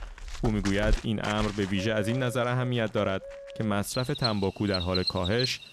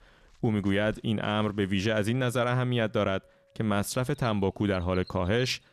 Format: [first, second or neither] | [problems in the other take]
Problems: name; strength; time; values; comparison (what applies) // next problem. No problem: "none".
second | animal sounds; loud; throughout; 7 dB below the speech; faint in the second